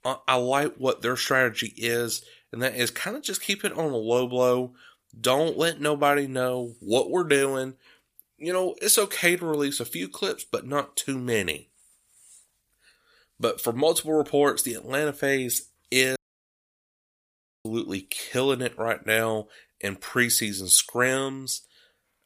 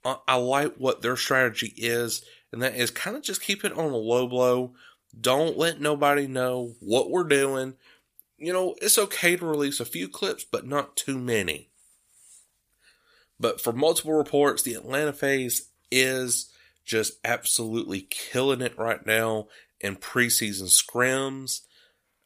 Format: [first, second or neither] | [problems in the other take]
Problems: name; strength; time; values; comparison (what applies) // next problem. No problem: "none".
second | audio cutting out; at 16 s for 1.5 s